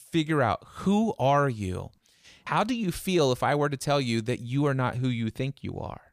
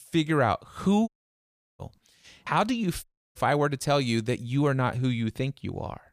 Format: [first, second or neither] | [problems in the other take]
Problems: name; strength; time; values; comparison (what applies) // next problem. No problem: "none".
first | audio cutting out; at 1 s for 0.5 s and at 3 s